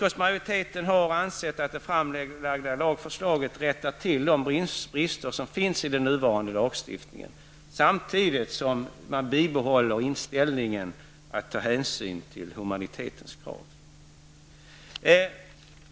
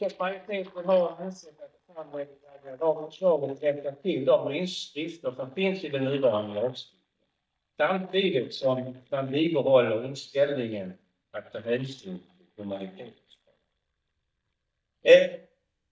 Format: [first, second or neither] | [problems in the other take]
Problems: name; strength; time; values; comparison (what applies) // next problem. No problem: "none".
first | noise reduction (neural mask model DeepFilterNet 3)